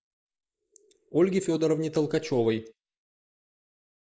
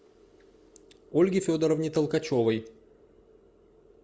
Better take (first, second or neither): second